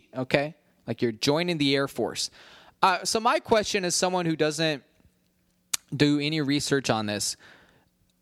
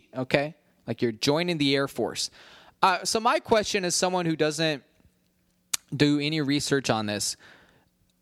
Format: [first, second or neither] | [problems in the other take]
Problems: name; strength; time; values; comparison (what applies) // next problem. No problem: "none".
neither | none